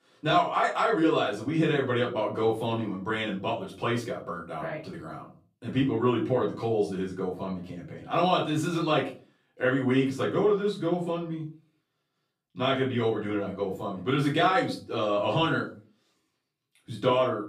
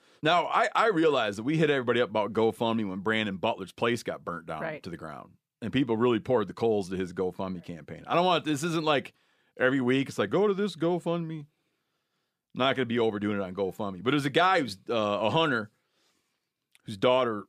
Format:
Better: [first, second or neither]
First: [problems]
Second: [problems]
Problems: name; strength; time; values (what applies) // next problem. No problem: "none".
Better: second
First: off-mic speech; far // room echo; slight; dies away in 0.3 s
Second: none